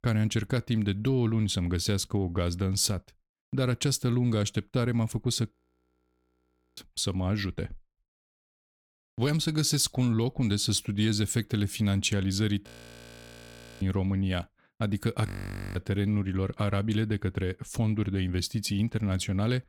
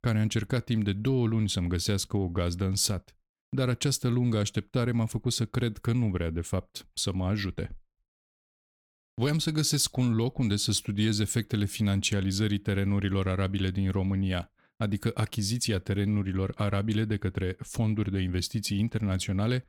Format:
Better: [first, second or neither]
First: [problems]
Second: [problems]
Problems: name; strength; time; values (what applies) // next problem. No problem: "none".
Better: second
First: audio freezing; at 5.5 s for 1 s, at 13 s for 1 s and at 15 s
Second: none